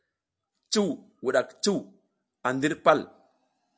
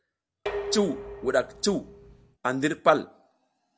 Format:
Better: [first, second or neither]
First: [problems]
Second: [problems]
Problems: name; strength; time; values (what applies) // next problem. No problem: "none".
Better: first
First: none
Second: background sound (Dishes, pots, and pans); 10 dB below the speech